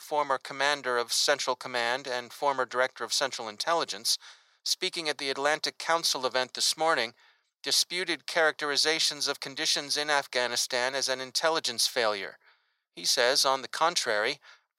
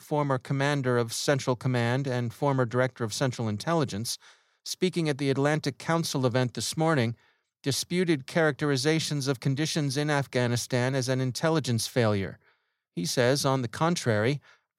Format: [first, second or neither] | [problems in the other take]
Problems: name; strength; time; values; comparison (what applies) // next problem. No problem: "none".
second | thin; very; fading below 750 Hz